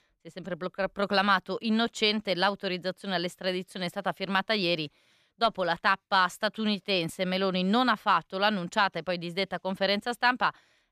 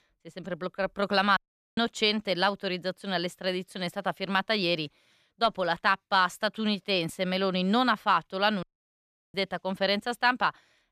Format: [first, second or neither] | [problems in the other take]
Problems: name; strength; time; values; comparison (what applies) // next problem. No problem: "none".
first | audio cutting out; at 1.5 s and at 8.5 s for 0.5 s